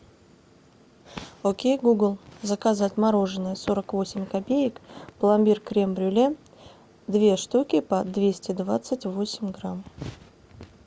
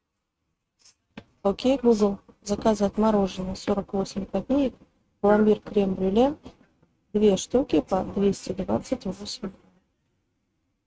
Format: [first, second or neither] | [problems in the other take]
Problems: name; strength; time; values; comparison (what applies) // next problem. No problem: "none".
first | noise reduction (neural mask model RNNoise)